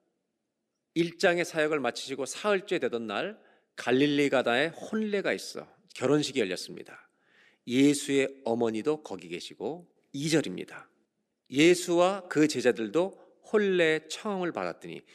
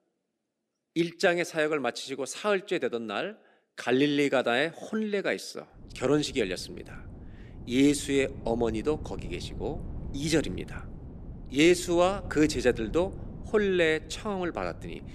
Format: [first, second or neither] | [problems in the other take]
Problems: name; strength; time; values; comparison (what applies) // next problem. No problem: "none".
first | wind noise on the microphone; occasional gusts; from 6 s on; 25 dB below the speech